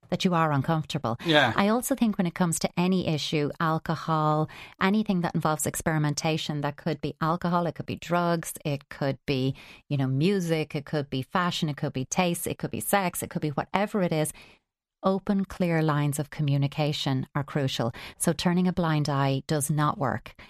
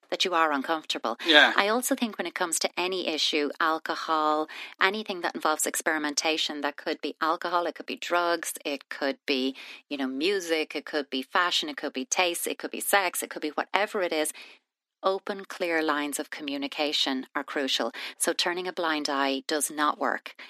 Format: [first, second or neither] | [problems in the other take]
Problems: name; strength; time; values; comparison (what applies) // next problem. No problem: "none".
first | thin; somewhat; fading below 250 Hz